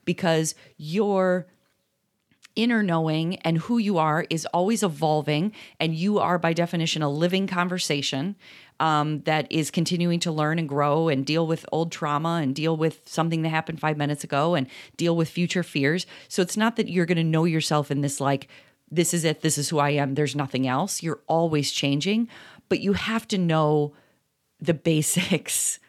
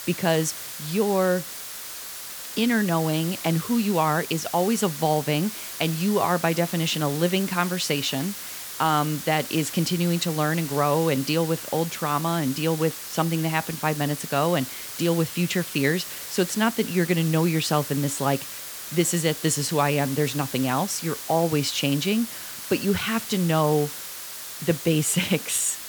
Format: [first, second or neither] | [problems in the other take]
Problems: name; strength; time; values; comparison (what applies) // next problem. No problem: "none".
first | hiss; loud; throughout; 9 dB below the speech